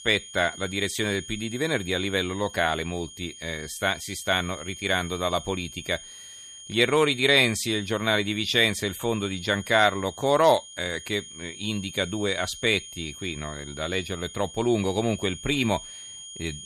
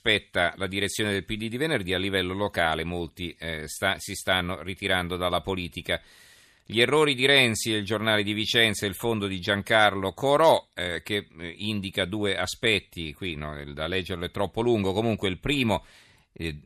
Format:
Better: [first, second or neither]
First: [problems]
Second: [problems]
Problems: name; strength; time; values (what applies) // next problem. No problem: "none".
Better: second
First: high-pitched whine; noticeable; throughout; 3 kHz, 15 dB below the speech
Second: none